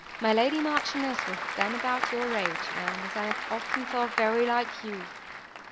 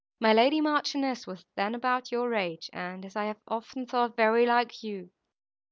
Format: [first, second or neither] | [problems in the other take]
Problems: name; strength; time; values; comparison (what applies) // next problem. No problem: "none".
second | background sound (Applause / Crowd); 4 dB below the speech